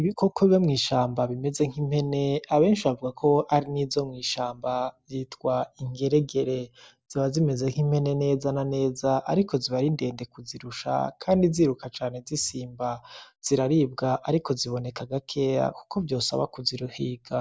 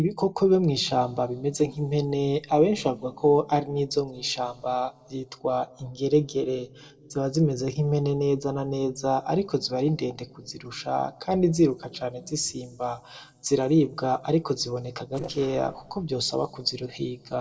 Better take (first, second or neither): first